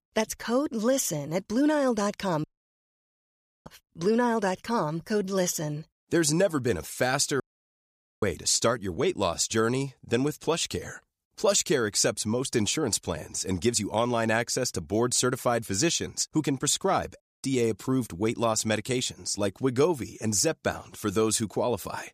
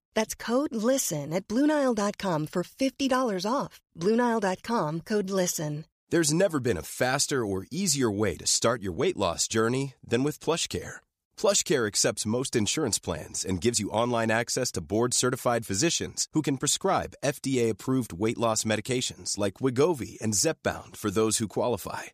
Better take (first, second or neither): second